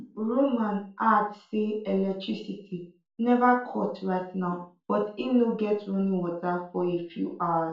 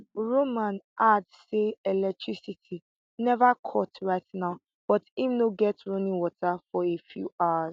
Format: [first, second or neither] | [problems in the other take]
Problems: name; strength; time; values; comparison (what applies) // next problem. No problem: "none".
second | room echo; dies away in 0.4 s